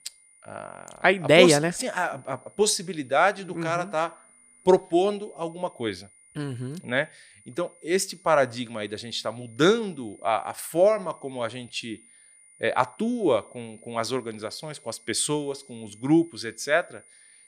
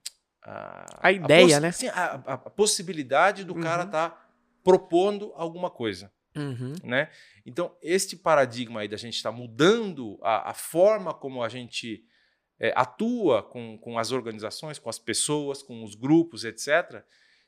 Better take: second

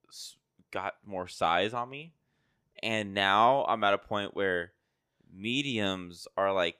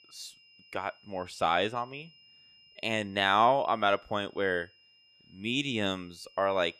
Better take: first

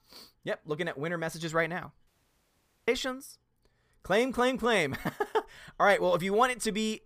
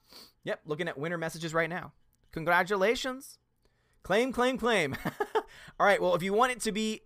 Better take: second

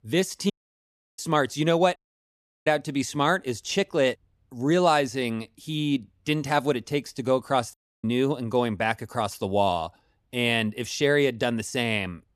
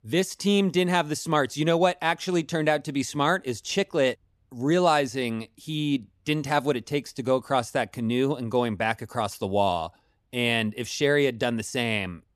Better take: second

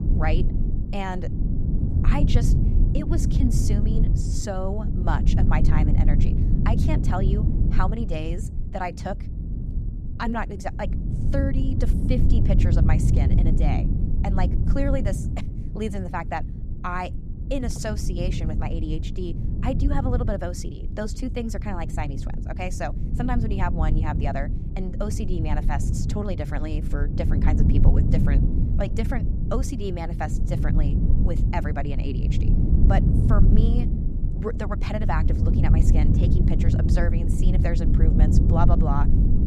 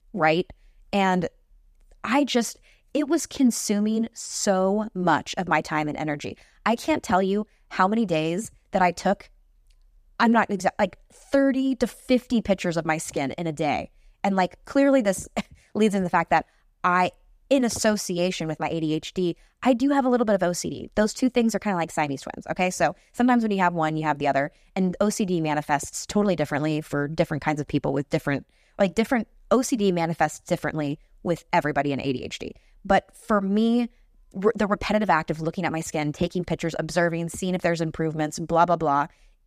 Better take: second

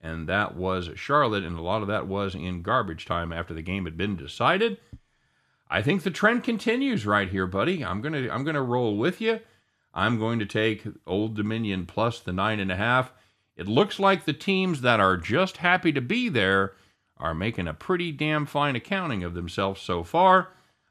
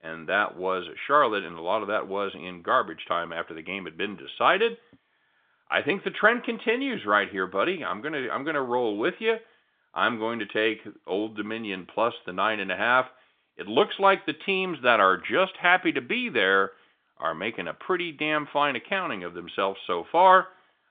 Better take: first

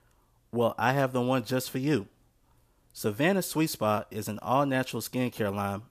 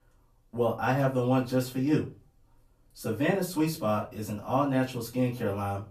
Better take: first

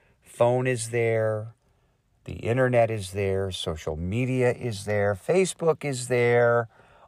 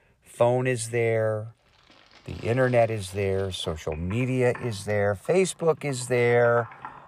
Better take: first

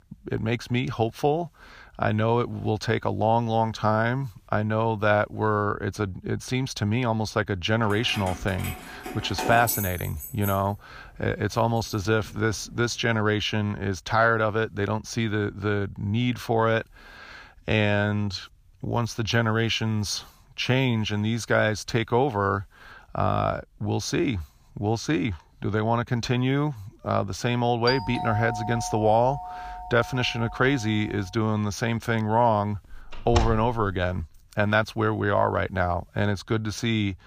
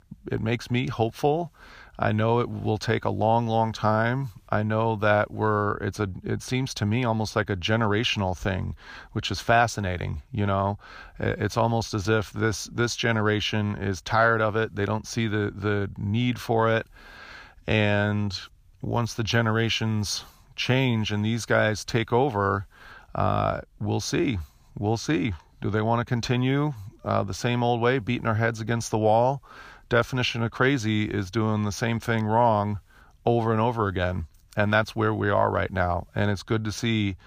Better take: second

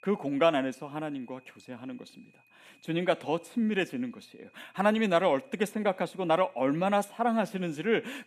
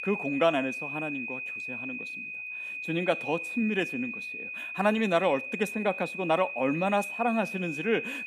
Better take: first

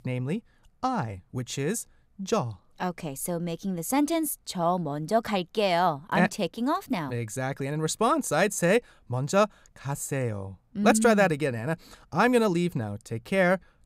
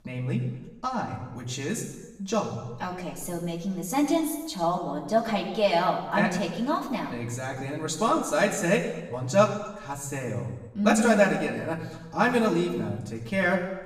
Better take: first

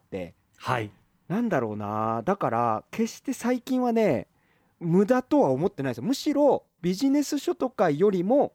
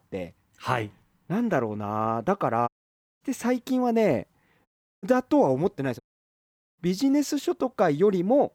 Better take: first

